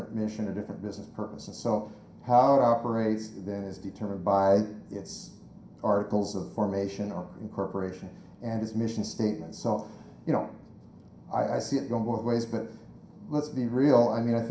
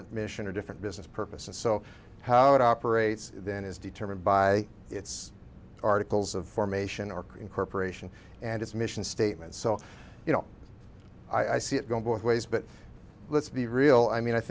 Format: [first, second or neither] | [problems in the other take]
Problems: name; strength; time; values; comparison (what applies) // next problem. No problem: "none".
second | room echo; dies away in 0.5 s